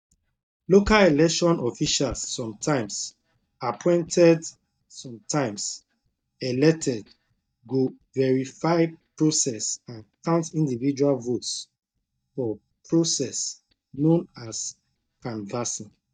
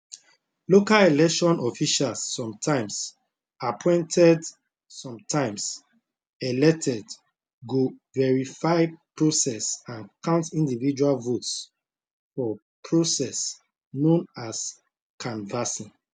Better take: second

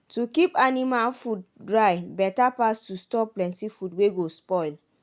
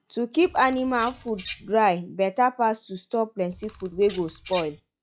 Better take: first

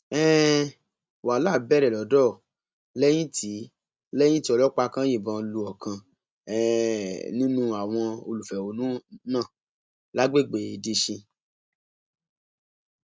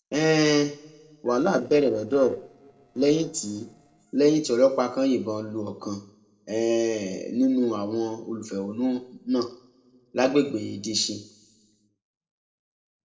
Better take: first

